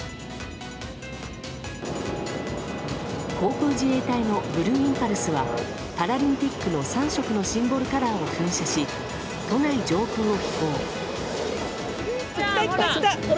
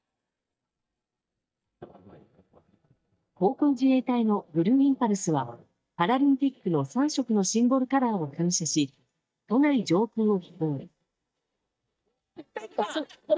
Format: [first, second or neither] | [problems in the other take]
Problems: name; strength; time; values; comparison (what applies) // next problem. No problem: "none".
first | noise reduction (neural mask model DeepFilterNet 3)